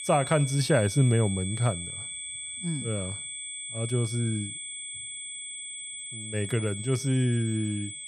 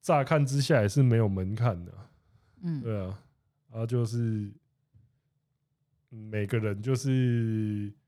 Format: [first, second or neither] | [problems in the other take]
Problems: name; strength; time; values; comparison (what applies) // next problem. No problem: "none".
second | high-pitched whine; loud; throughout; 8 kHz, 7 dB below the speech